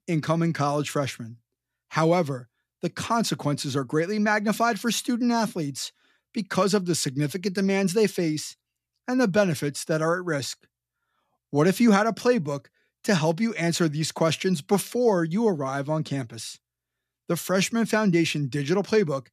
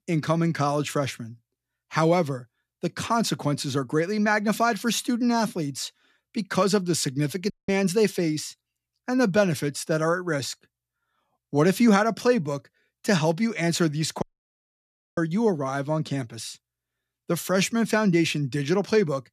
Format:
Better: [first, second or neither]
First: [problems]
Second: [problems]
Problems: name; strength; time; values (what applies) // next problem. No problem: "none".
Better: first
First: none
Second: audio cutting out; at 7.5 s and at 14 s for 1 s